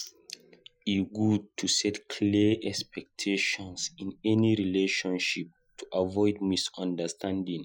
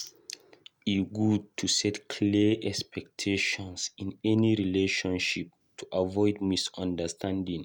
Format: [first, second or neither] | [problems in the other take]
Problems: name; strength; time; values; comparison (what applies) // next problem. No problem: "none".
second | noise reduction (classical method Wiener filter)